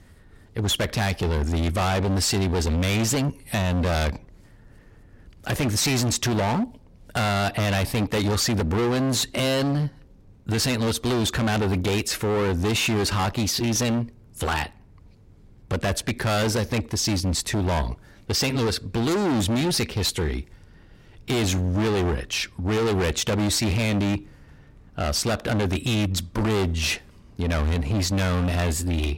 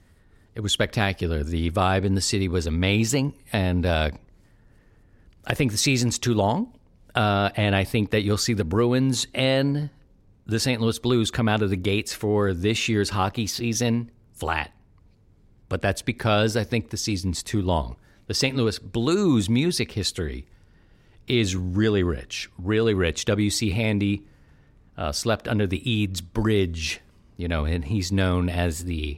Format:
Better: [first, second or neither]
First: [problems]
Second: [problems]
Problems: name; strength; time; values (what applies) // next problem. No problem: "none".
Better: second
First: distortion; heavy; 29% of the sound clipped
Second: none